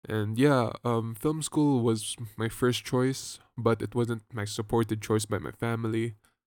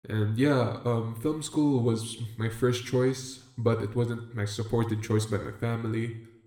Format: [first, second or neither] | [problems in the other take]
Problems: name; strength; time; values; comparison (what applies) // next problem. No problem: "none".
first | room echo; very slight; dies away in 0.7 s